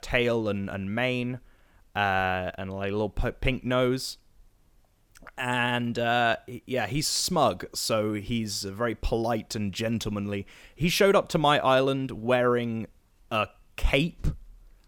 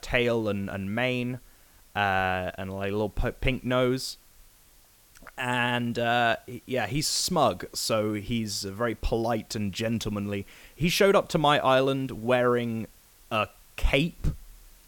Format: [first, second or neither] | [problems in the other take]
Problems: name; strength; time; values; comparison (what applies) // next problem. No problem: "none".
first | hiss; faint; throughout; 30 dB below the speech